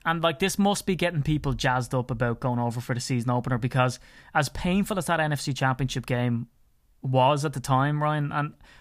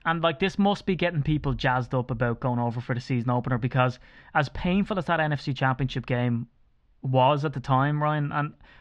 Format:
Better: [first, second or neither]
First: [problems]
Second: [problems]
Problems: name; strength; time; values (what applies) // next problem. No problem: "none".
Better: first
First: none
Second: muffled; slightly; fading above 3.5 kHz